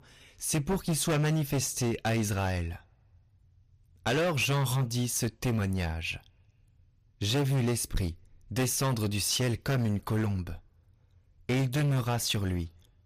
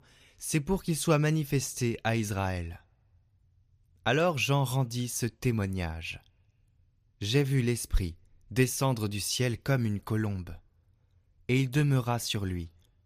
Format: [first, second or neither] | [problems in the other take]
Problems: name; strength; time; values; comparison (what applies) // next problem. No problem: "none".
second | distortion; heavy; 14% of the sound clipped